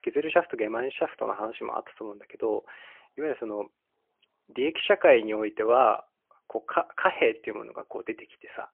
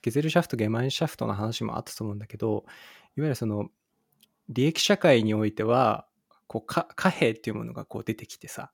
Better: second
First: phone-call audio; poor line; nothing above 3 kHz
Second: none

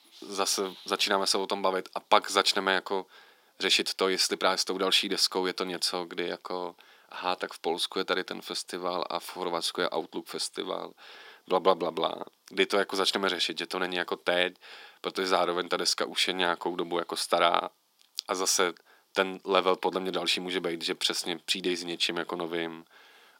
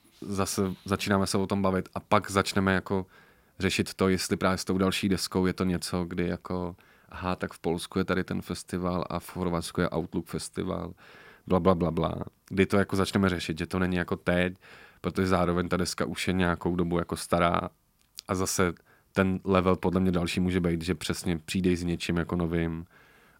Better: second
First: thin; somewhat; fading below 350 Hz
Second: none

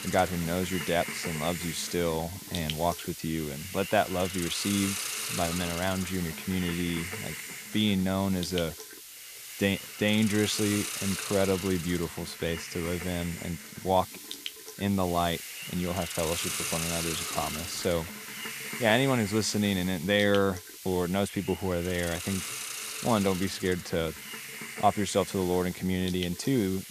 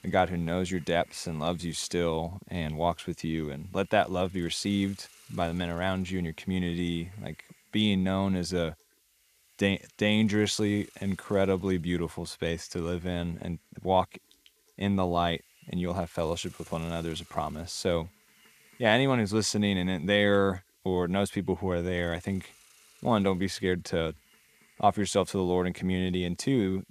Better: second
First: hiss; loud; throughout; 6 dB below the speech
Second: hiss; faint; throughout; 30 dB below the speech

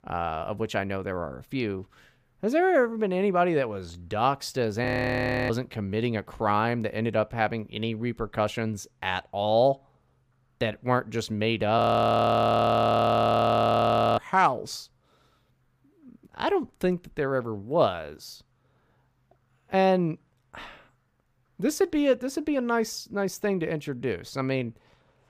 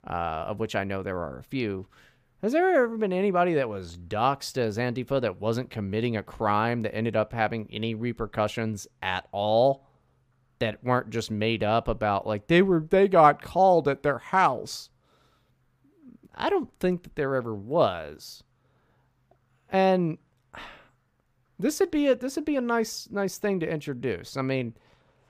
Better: second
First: audio freezing; at 5 s for 0.5 s and at 12 s for 2.5 s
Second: none

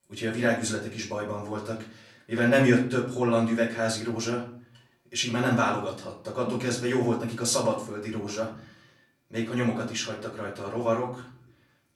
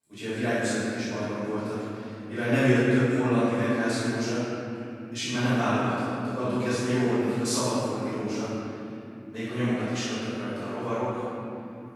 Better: first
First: room echo; slight; dies away in 0.5 s // off-mic speech; far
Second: room echo; strong; dies away in 3 s // off-mic speech; far

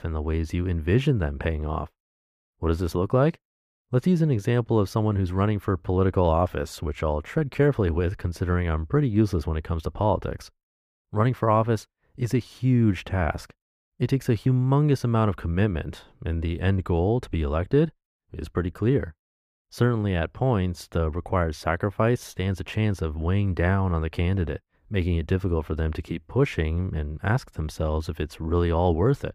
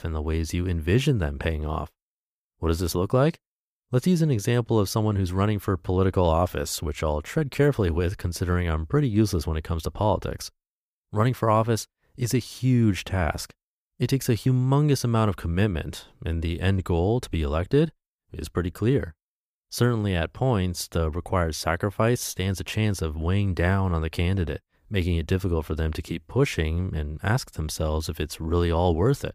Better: second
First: muffled; slightly; fading above 3.5 kHz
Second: none

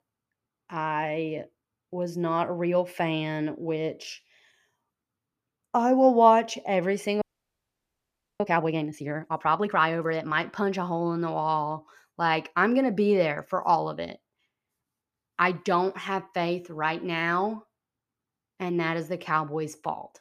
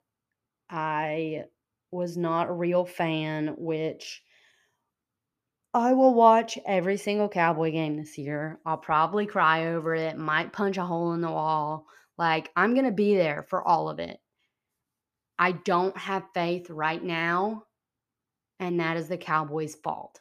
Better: second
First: audio freezing; at 7 s for 1 s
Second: none

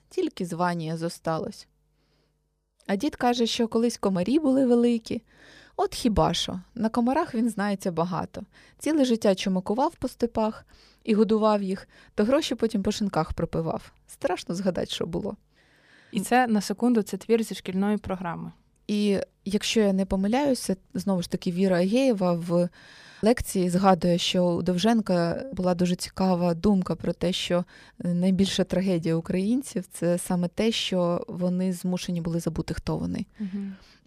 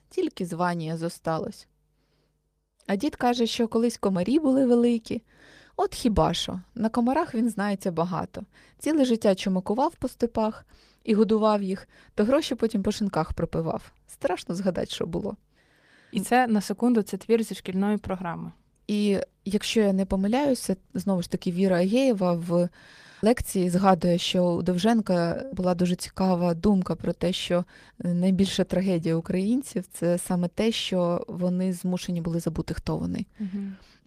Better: first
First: none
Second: garbled, watery; slightly; nothing above 15 kHz

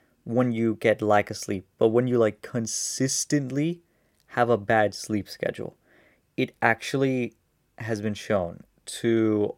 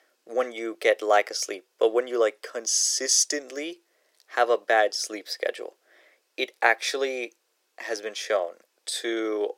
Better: first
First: none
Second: thin; very; fading below 400 Hz

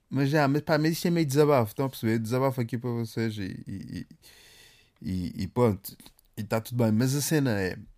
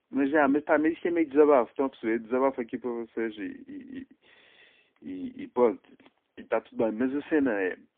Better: first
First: none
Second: phone-call audio; poor line

